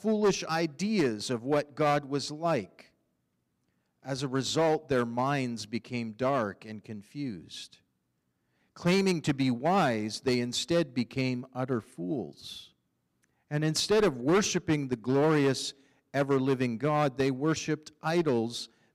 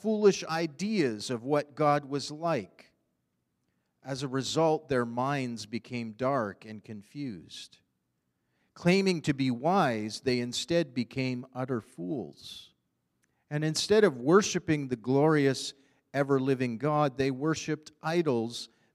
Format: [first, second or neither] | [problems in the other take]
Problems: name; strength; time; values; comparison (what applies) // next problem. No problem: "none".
second | distortion; slight; 4% of the sound clipped